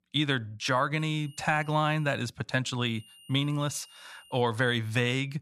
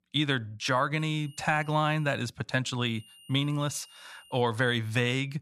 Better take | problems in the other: neither | high-pitched whine; faint; from 1 to 2 s and from 3 to 4.5 s; 3 kHz, 25 dB below the speech; the same in both

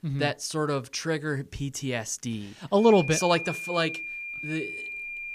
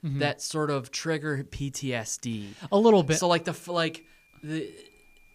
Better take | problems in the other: second | high-pitched whine; loud; from 3 s on; 2.5 kHz, 7 dB below the speech; faint in the second

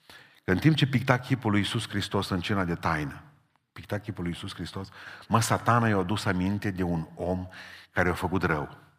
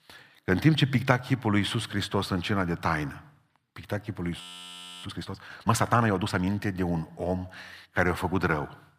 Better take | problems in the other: first | audio freezing; at 4.5 s for 0.5 s

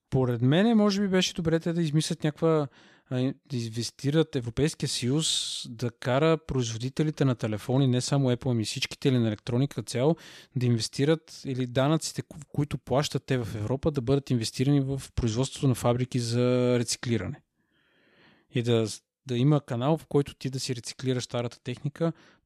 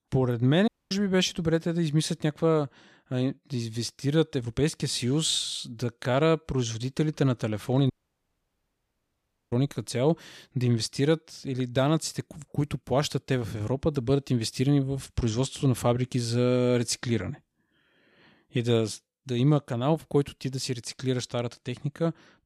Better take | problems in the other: first | audio cutting out; at 0.5 s and at 8 s for 1.5 s

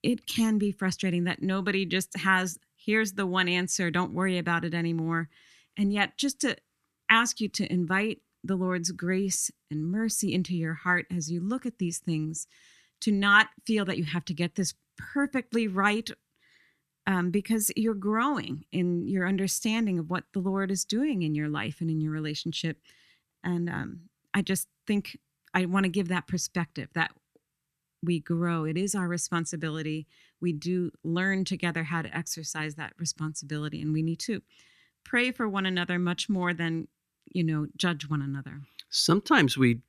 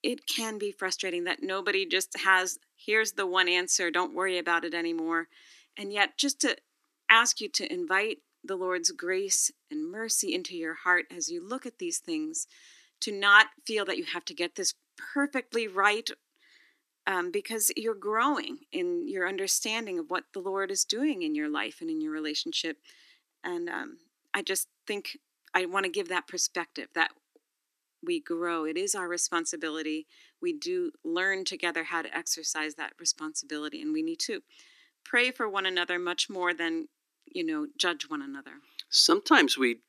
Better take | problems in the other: first | thin; somewhat; fading below 300 Hz

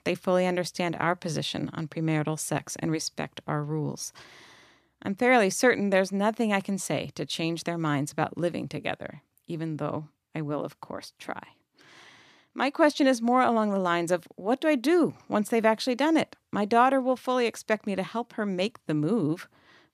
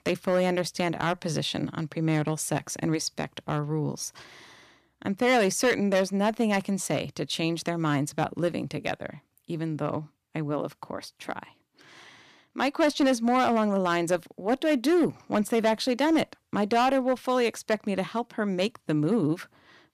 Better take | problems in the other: first | distortion; slight; 4% of the sound clipped

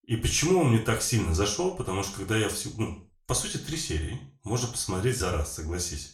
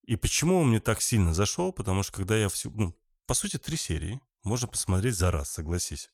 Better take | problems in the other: second | room echo; slight; dies away in 0.4 s // off-mic speech; far

